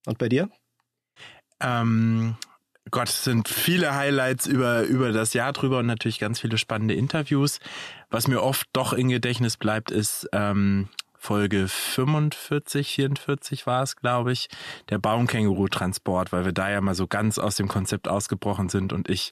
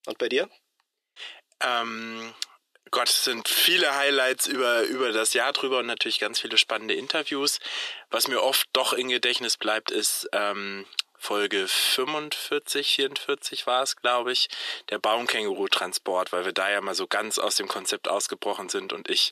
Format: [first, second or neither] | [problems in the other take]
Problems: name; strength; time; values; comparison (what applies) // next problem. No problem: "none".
first | thin; very; fading below 400 Hz